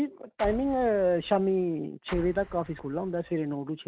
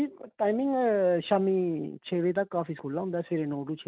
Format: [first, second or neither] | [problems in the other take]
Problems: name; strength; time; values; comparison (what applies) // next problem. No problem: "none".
second | background sound (Explosion); 16 dB below the speech